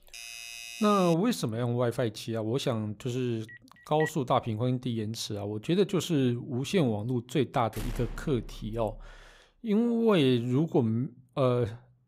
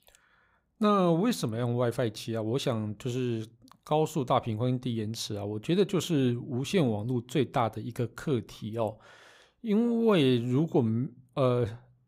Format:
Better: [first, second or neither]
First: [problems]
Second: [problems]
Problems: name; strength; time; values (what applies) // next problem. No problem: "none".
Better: second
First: doorbell; faint; until 1 s; peak 10 dB below the speech // phone ringing; noticeable; at 3.5 s; peak 10 dB below the speech // door banging; faint; from 7.5 to 9 s; peak 10 dB below the speech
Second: none